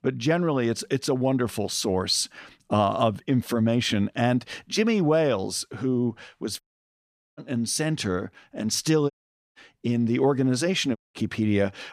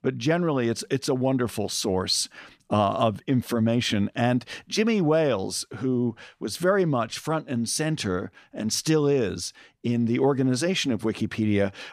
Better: second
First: audio cutting out; at 6.5 s for 1 s, at 9 s and at 11 s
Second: none

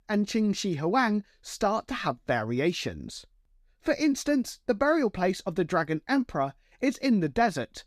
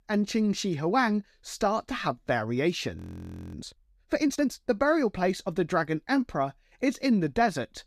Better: first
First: none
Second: audio freezing; at 3 s for 0.5 s

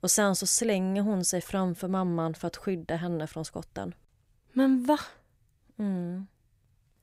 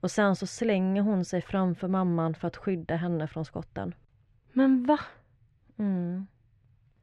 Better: first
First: none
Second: muffled; very; fading above 2.5 kHz

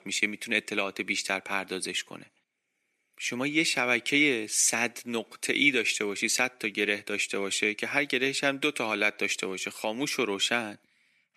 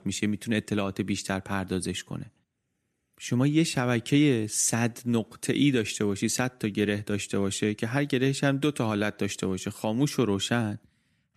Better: second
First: thin; somewhat; fading below 400 Hz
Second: none

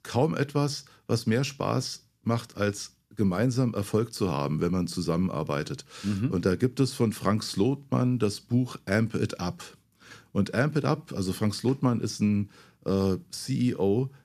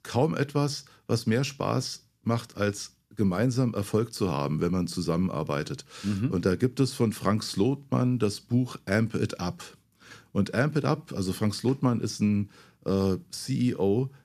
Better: neither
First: none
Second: none

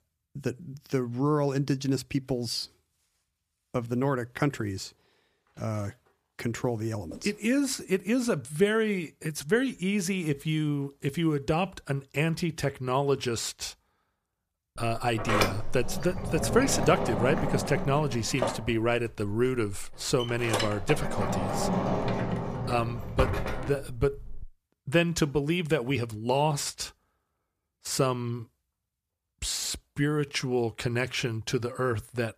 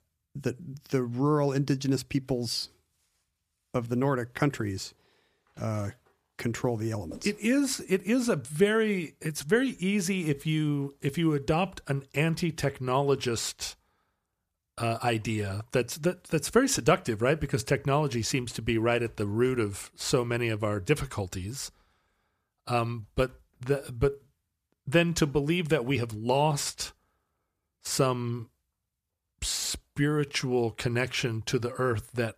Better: second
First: door banging; loud; from 15 to 24 s; peak 2 dB above the speech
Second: none

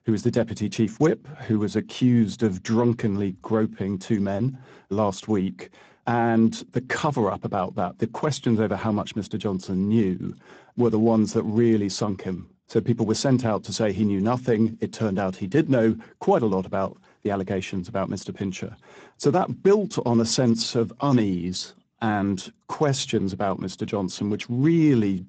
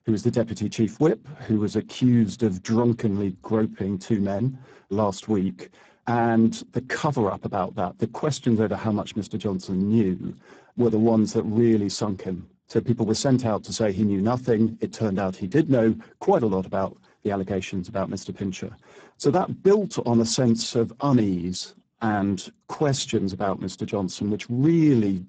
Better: first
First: garbled, watery; slightly; nothing above 8 kHz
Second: garbled, watery; badly; nothing above 8 kHz

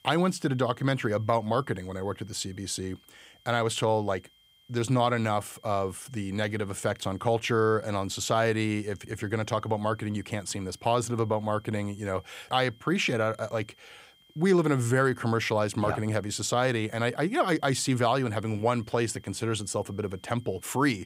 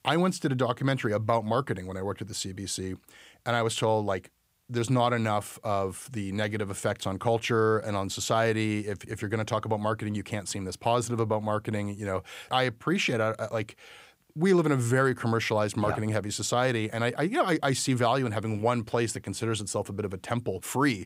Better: second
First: high-pitched whine; faint; throughout; 3 kHz, 30 dB below the speech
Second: none

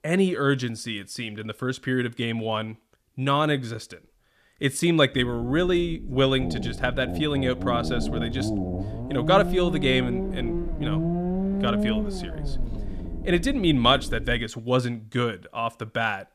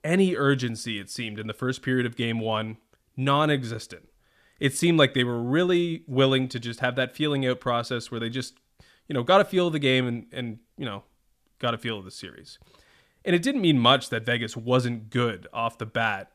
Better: second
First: low rumble; loud; from 5 to 14 s; 10 dB below the speech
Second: none

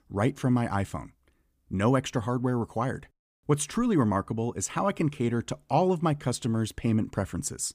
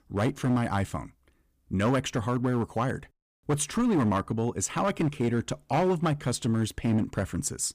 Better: first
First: none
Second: distortion; slight; 7% of the sound clipped

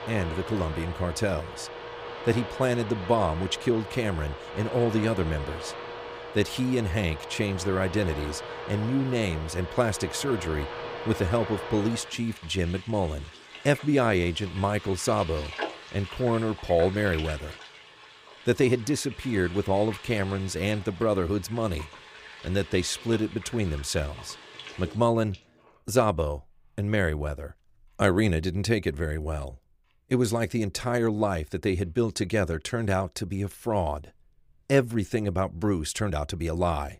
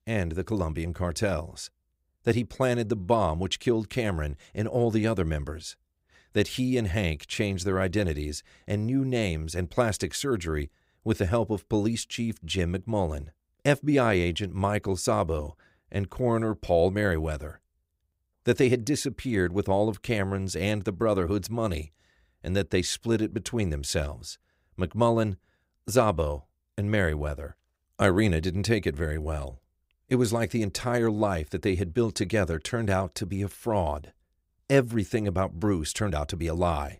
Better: second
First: household noises; noticeable; throughout; 10 dB below the speech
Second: none

